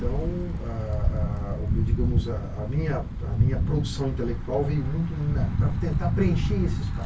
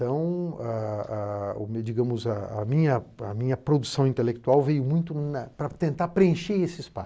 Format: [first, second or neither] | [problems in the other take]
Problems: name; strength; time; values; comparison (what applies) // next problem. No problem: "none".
second | background sound (Thunder / Bicycle); 4 dB above the speech // room echo; dies away in 0.1 s